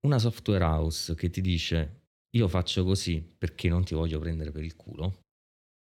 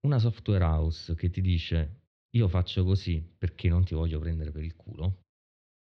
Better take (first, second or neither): first